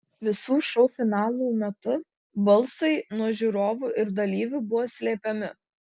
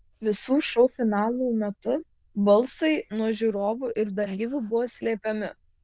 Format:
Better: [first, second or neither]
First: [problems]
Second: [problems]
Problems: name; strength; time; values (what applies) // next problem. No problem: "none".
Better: first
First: none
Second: noise reduction (neural diffusion model UNIVERSE++)